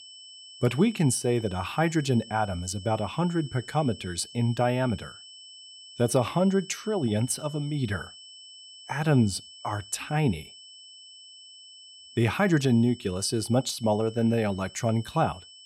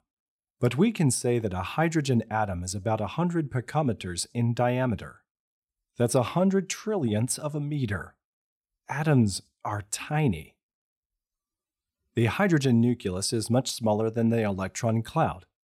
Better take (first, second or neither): second